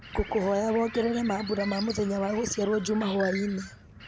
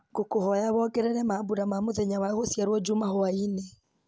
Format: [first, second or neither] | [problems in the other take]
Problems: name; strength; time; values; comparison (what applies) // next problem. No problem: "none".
second | background sound (Bird); 12 dB below the speech